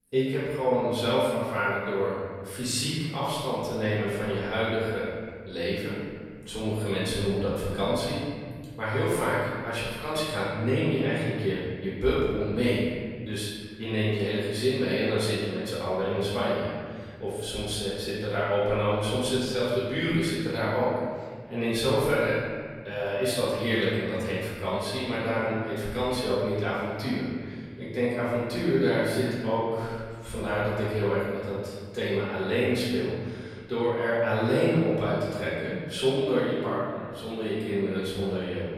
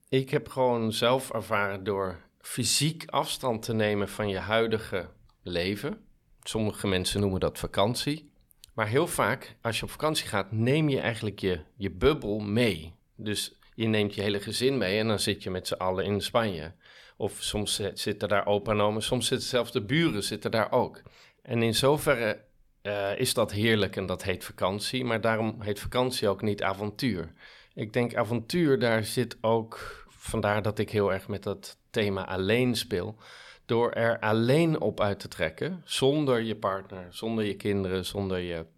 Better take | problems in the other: second | room echo; strong; dies away in 1.8 s // off-mic speech; far

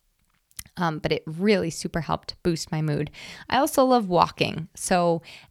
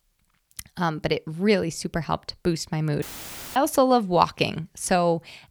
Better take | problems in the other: first | audio cutting out; filled with static; at 3 s for 0.5 s

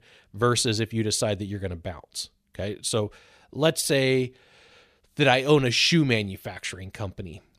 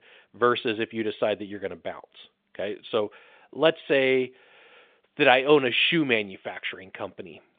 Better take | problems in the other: first | phone-call audio

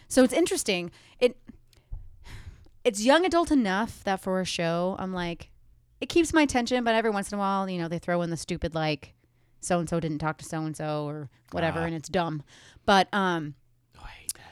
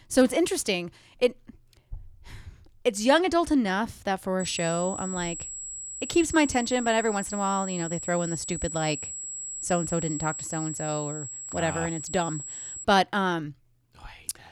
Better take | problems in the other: first | high-pitched whine; loud; from 4.5 to 13 s; 7.5 kHz, 7 dB below the speech

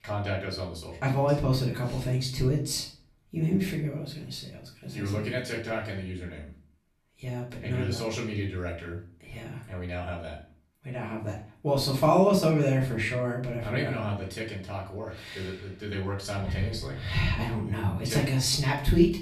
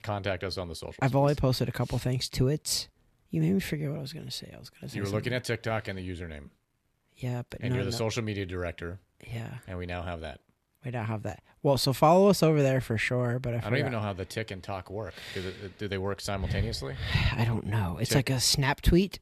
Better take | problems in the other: second | room echo; slight; dies away in 0.4 s // off-mic speech; far

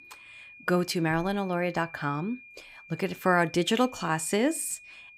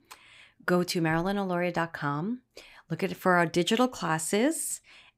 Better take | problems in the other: second | high-pitched whine; noticeable; throughout; 2.5 kHz, 20 dB below the speech

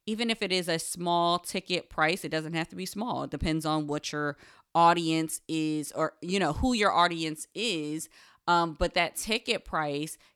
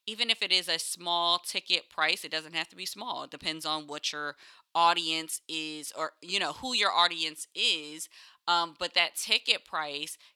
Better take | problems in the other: first | thin; somewhat; fading below 1 kHz

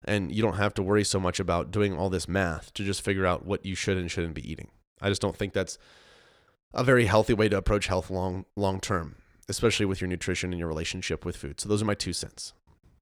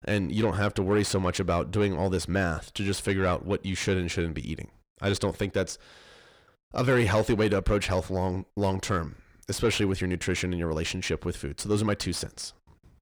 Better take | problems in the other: first | distortion; slight; 10 dB below the speech

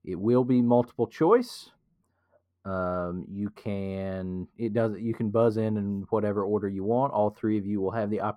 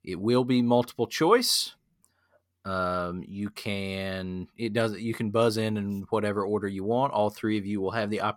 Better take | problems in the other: second | muffled; very; fading above 2 kHz

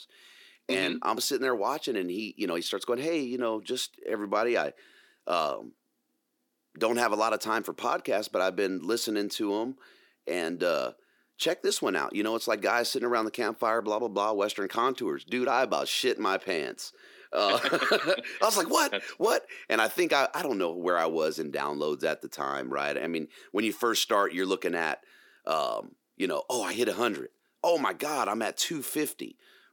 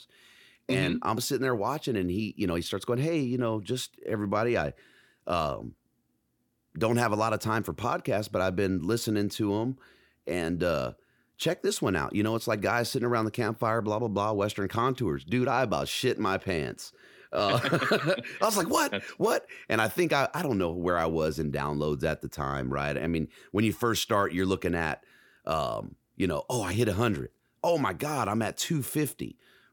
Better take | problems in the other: second | thin; somewhat; fading below 300 Hz

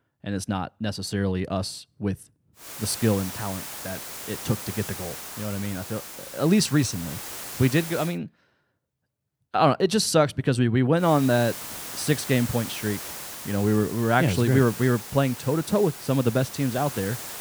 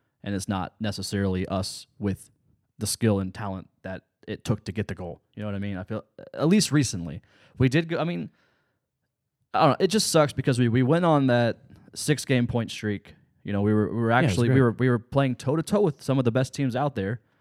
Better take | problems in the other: second | hiss; noticeable; from 2.5 to 8 s and from 11 s on; 10 dB below the speech

